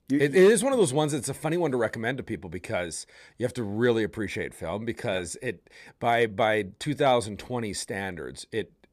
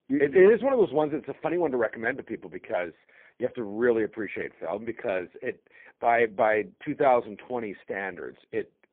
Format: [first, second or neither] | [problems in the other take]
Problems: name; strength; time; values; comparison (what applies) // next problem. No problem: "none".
first | phone-call audio; poor line